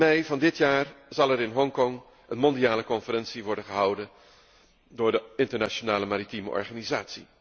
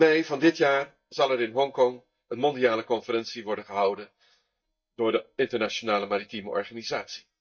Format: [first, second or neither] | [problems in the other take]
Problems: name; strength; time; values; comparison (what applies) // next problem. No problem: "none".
first | noise reduction (neural mask model DeepFilterNet 3)